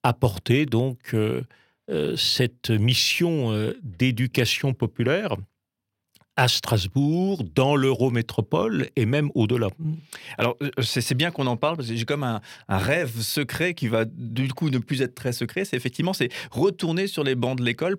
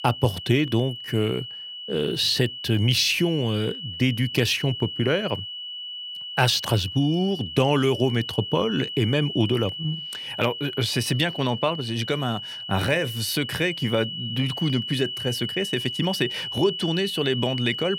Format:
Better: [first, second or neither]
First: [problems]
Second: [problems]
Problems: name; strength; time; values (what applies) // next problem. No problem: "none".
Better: first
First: none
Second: high-pitched whine; loud; throughout; 3 kHz, 7 dB below the speech